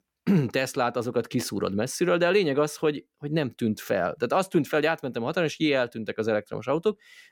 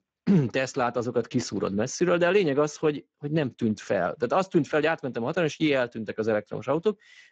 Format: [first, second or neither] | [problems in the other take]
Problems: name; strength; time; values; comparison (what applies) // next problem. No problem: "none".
first | garbled, watery; badly